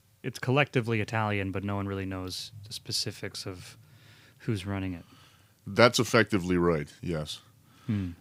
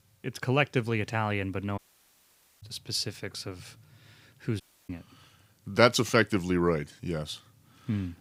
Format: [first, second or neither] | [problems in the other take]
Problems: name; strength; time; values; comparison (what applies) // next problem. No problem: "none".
first | audio cutting out; at 2 s for 1 s and at 4.5 s